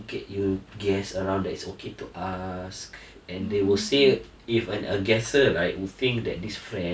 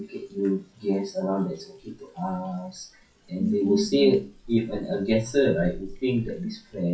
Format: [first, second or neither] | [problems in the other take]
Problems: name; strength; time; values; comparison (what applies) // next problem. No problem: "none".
first | noise reduction (classical method WPE with log-MMSE)